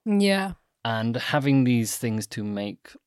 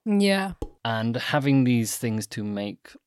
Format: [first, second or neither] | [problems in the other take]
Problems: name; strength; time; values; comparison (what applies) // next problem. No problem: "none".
first | clattering dishes; faint; at 0.5 s; peak 15 dB below the speech